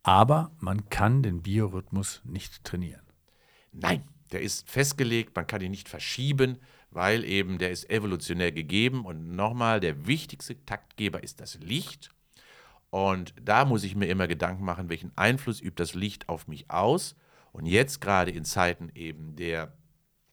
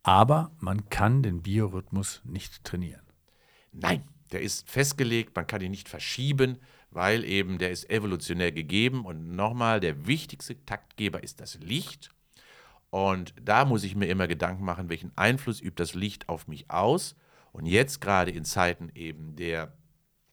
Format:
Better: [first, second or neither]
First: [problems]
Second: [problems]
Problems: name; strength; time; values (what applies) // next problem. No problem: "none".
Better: neither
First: none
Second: none